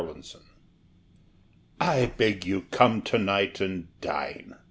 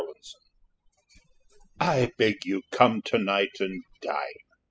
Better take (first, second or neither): first